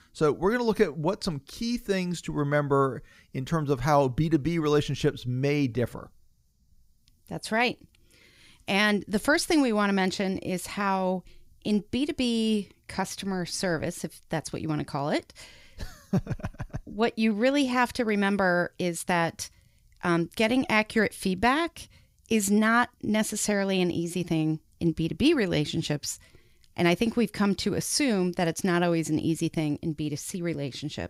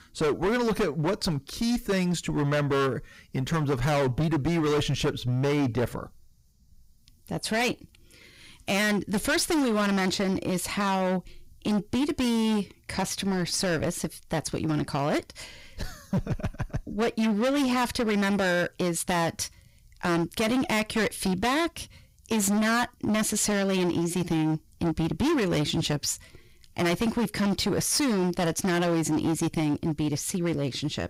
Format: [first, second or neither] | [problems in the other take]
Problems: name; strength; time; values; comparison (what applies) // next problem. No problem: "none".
first | distortion; heavy; 19% of the sound clipped